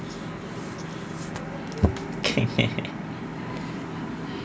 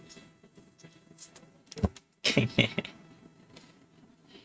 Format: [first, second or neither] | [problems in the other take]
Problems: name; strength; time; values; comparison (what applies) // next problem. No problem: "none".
first | noise reduction (neural mask model RNNoise)